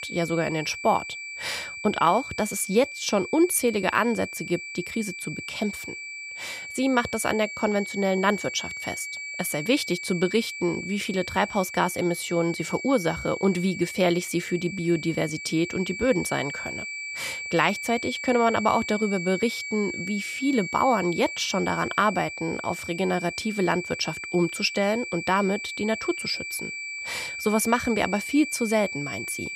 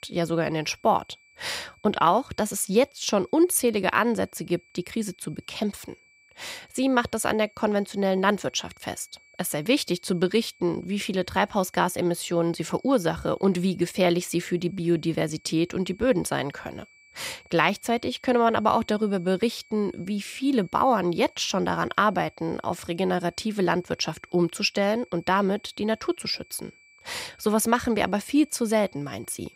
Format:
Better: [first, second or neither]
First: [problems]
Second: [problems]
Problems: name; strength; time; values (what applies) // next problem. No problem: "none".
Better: second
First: high-pitched whine; loud; throughout; 2.5 kHz, 7 dB below the speech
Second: high-pitched whine; faint; throughout; 2.5 kHz, 30 dB below the speech